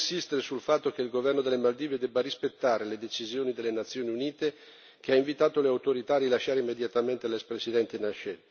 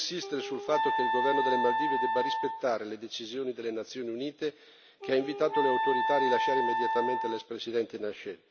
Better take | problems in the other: first | background sound (Wind instrument, woodwind instrument); 1 dB above the speech

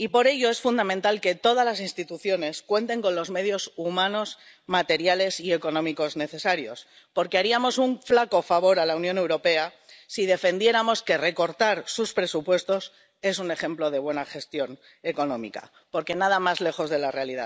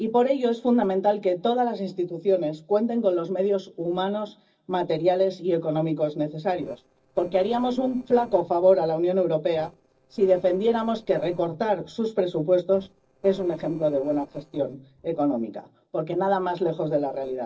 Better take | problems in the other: first | noise reduction (neural separator model SepFormer DNS4)

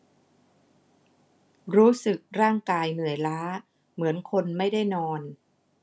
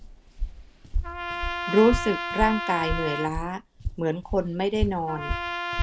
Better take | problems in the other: first | background sound (Walk, footsteps + Trumpet); 3 dB below the speech

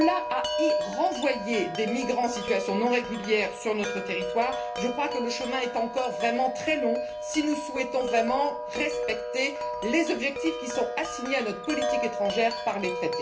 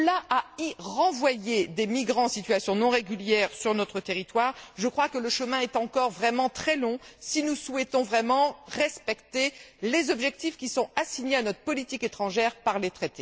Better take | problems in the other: second | background sound (Wind chime); 3 dB below the speech // room echo; dies away in 0.3 s

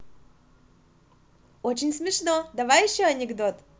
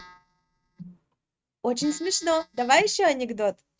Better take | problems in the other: first | noise reduction (neural mask model RNNoise)

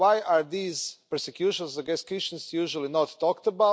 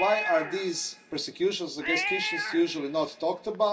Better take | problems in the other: first | background sound (Cat); 7 dB below the speech // room echo; dies away in 0.2 s

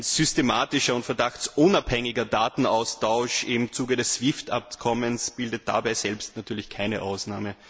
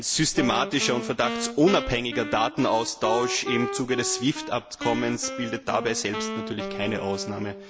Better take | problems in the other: first | background sound (Wind instrument, woodwind instrument); 7 dB below the speech

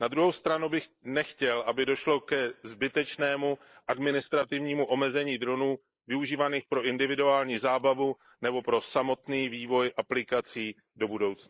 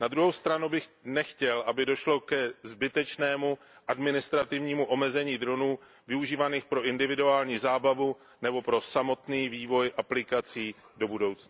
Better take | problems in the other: second | noise reduction (neural mask model Resemble Enhance denoiser)

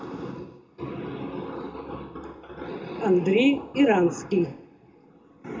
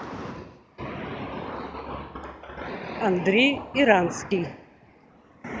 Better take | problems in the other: second | room echo; dies away in 0.2 s

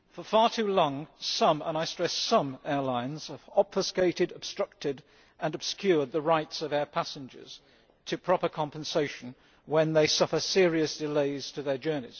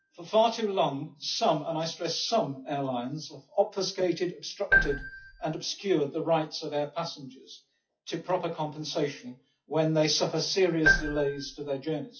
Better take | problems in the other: first | noise reduction (classical method WPE with log-MMSE)

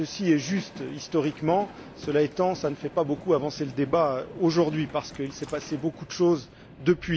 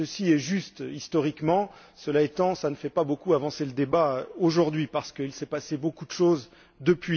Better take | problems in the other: second | background sound (Train); 18 dB below the speech

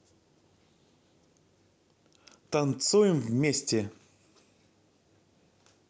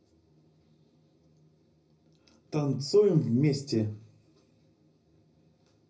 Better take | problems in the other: first | room echo; dies away in 0.4 s

